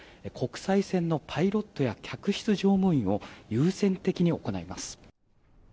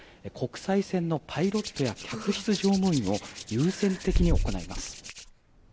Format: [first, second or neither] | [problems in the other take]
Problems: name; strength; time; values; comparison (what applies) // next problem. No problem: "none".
first | background sound (Hands); 5 dB below the speech